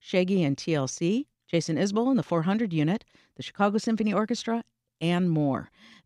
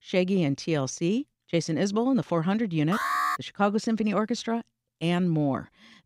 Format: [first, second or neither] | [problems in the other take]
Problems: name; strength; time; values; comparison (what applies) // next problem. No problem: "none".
first | alarm; loud; at 3 s; peak 1 dB above the speech